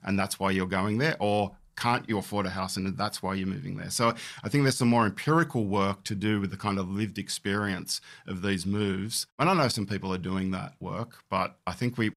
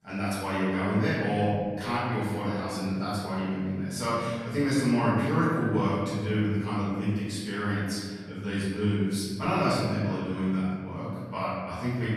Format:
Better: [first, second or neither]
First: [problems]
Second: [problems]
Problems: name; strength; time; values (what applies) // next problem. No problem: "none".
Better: first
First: none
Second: room echo; strong; dies away in 2 s // off-mic speech; far